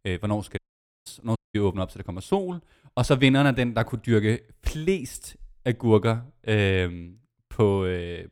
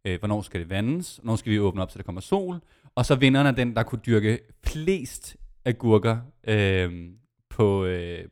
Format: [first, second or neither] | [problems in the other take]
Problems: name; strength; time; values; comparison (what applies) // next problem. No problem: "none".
second | audio cutting out; at 0.5 s and at 1.5 s